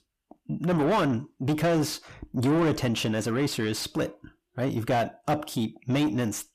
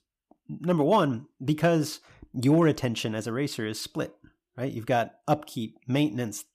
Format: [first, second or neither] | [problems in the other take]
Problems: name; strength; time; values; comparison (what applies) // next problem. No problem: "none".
second | distortion; heavy; 7 dB below the speech